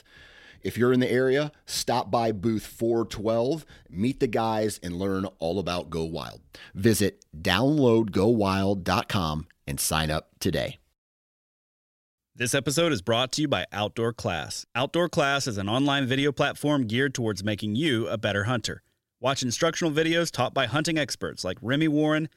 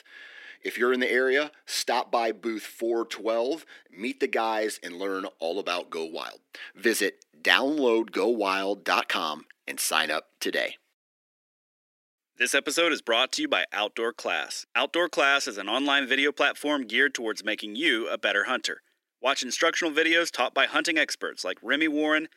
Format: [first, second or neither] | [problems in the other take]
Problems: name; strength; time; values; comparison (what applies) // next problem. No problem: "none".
first | thin; somewhat; fading below 300 Hz